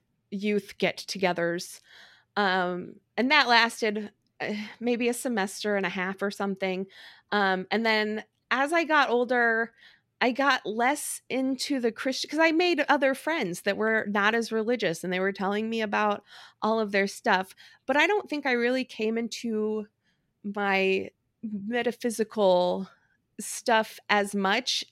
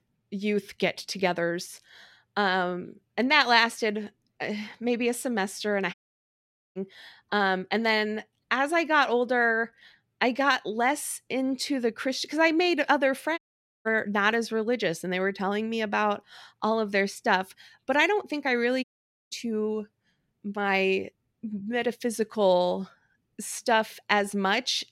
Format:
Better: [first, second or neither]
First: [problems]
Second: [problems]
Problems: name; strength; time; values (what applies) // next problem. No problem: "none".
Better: first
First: none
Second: audio cutting out; at 6 s for 1 s, at 13 s and at 19 s